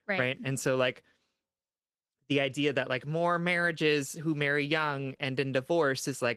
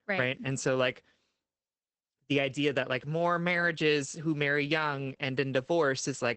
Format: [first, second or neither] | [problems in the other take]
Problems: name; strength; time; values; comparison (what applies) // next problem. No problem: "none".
first | garbled, watery; badly; nothing above 8 kHz; slightly in the first